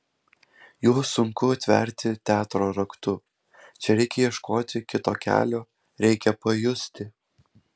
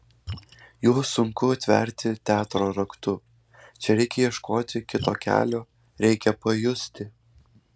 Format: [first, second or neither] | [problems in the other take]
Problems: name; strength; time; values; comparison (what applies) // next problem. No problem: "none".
first | background sound (Splash, splatter); 20 dB below the speech